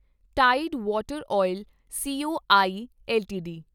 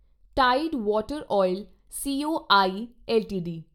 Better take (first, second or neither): first